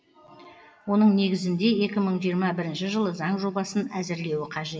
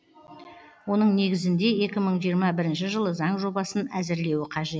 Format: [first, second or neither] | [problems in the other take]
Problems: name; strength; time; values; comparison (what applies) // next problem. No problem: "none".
second | room echo; dies away in 1.5 s